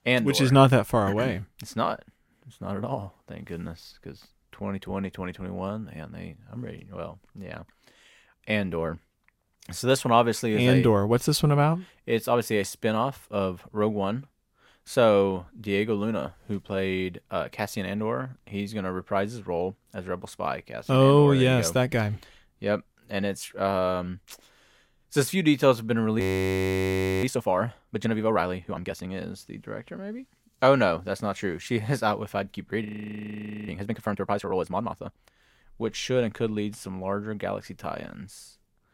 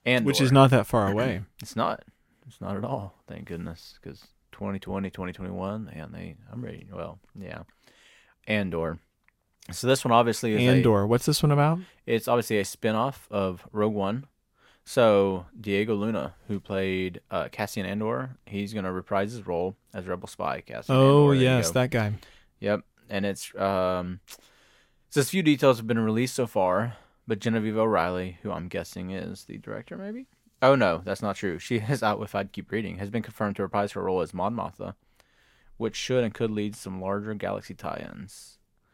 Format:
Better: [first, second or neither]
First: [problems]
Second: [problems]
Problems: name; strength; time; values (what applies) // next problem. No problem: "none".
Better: second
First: audio freezing; at 26 s for 1 s and at 33 s for 1 s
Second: none